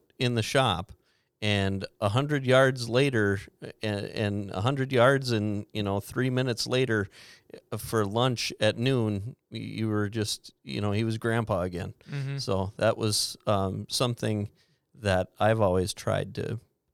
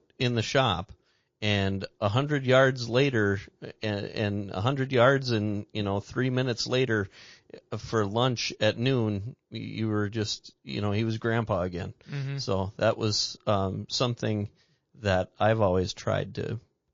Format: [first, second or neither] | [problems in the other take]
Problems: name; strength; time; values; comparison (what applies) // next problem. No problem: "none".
first | garbled, watery; slightly; nothing above 7 kHz